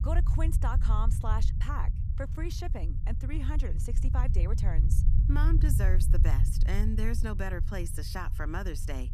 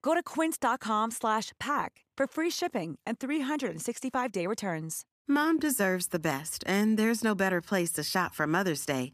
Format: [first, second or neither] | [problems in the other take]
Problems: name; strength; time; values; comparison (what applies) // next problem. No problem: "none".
second | low rumble; loud; throughout; 7 dB below the speech